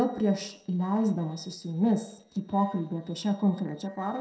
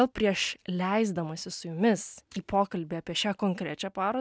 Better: second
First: noise reduction (neural separator model SepFormer DNS4)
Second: none

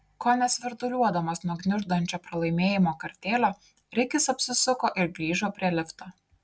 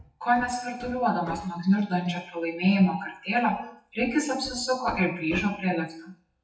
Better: first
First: none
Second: noise reduction (classical method WPE with log-MMSE)

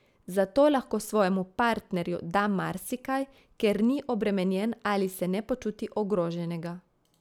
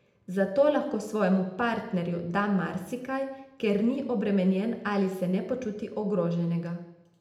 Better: first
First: none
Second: room echo; dies away in 0.8 s

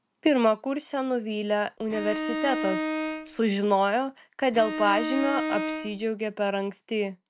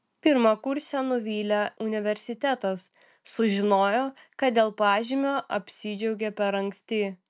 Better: second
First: background sound (Bowed string instrument); 4 dB below the speech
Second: none

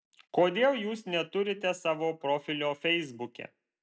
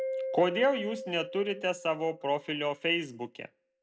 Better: first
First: none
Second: background sound (Mallet percussion); 9 dB below the speech

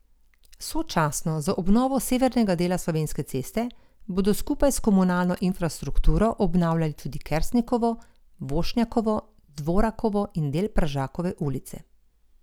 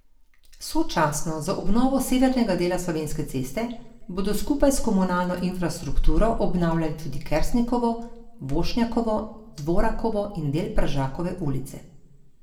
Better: first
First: none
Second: room echo; dies away in 0.6 s

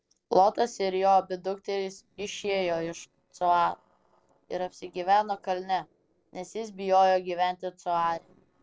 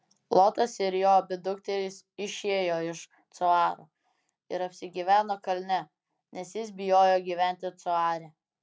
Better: second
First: noise reduction (neural separator model SepFormer DNS4)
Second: none

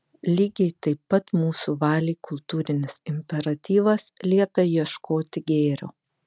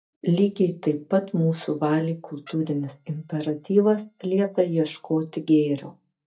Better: first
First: none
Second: noise reduction (neural mask model DeepFilterNet 3)

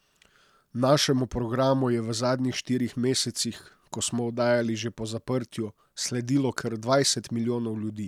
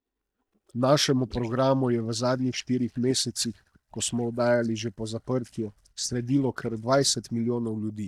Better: first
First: none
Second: noise reduction (neural mask model DeepFilterNet 3)

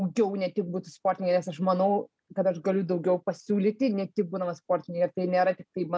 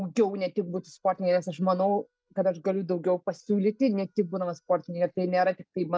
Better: first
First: none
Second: noise reduction (neural mask model DeepFilterNet 3)

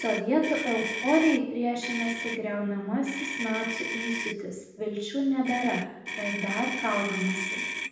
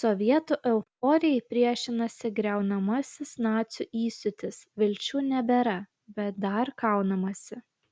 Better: second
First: background sound (Motor vehicle (road)); 6 dB below the speech // room echo; dies away in 0.9 s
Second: none

